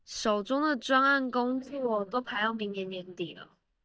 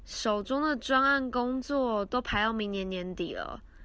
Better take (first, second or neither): second